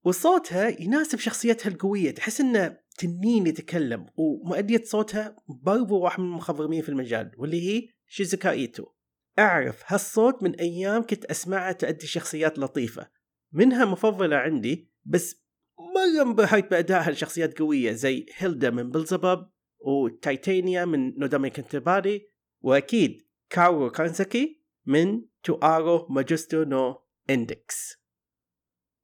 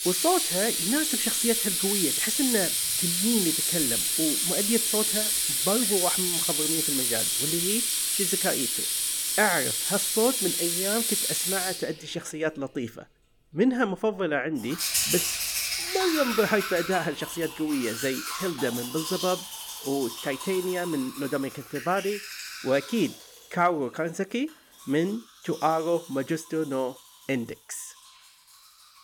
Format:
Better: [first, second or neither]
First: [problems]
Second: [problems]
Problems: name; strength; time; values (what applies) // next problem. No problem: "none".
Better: first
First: none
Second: household noises; very loud; throughout; 4 dB above the speech